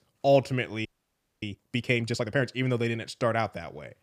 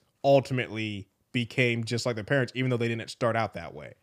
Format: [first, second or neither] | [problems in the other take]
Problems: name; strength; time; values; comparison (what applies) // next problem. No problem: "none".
second | audio freezing; at 1 s for 0.5 s